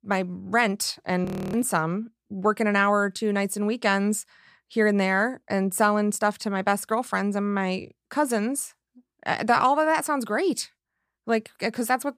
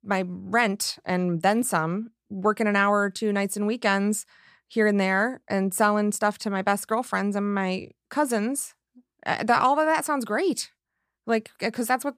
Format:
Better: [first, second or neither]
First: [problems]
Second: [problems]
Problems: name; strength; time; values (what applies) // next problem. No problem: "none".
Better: second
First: audio freezing; at 1.5 s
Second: none